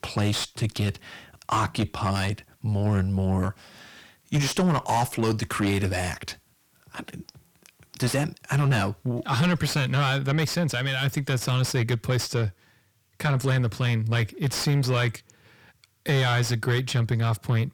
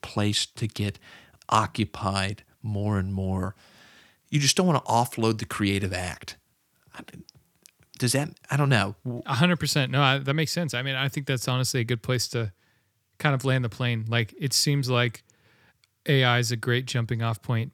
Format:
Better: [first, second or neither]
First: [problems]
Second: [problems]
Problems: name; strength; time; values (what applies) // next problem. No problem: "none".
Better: second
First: distortion; heavy; 7 dB below the speech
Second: none